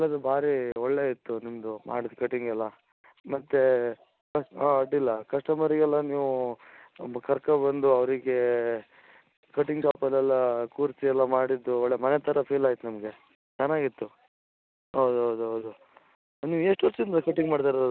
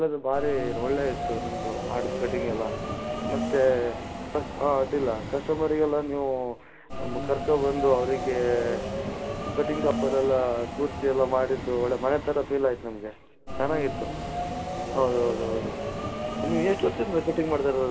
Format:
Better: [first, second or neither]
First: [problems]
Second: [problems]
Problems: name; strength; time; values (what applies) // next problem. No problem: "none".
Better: first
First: none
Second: background sound (Subway, metro, underground); 5 dB below the speech // room echo; dies away in 1.6 s